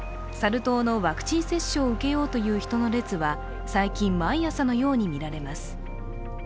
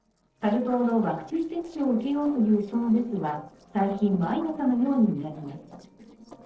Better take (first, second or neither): first